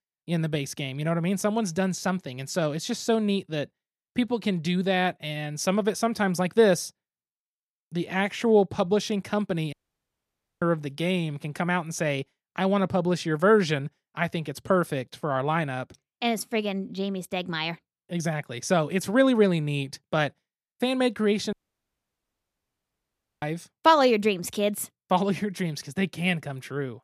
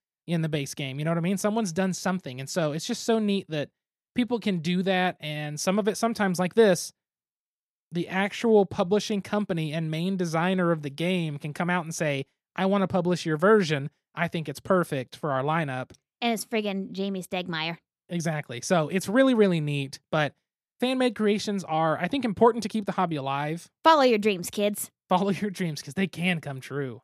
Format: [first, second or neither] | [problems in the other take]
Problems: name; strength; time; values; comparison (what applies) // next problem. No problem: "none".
second | audio cutting out; at 9.5 s for 1 s and at 22 s for 2 s